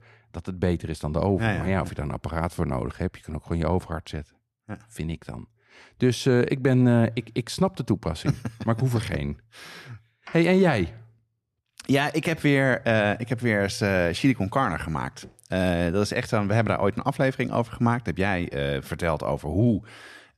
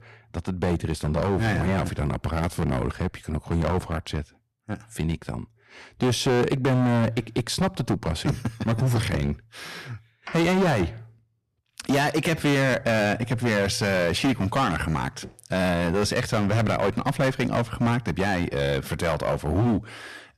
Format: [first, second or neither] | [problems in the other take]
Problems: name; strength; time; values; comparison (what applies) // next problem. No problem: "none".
first | distortion; heavy; 13% of the sound clipped